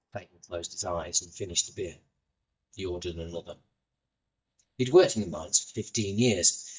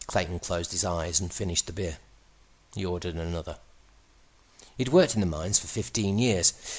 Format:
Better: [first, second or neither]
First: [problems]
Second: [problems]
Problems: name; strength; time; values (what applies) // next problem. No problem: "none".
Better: second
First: noise reduction (neural mask model DeepFilterNet 3)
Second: none